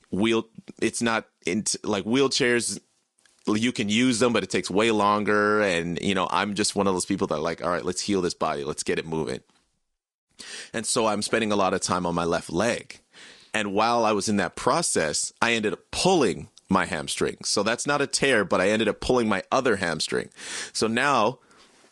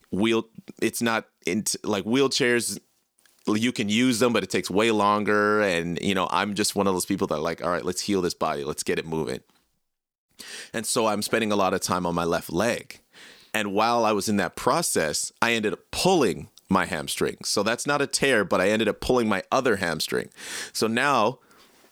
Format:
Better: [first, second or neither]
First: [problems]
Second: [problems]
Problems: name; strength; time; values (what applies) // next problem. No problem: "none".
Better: second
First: garbled, watery; slightly; nothing above 10 kHz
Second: none